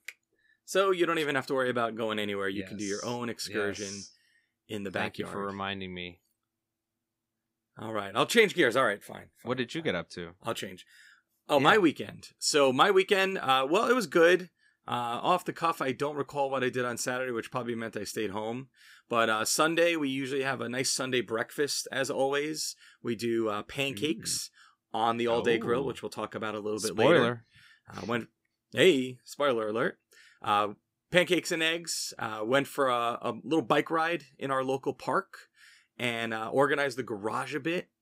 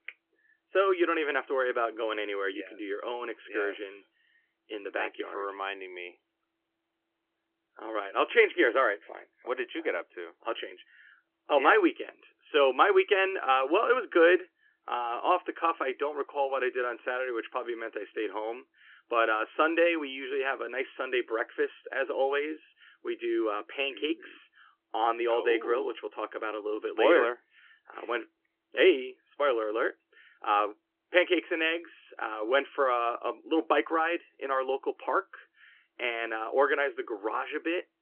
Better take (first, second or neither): first